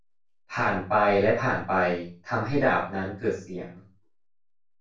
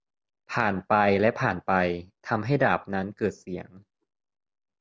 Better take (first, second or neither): second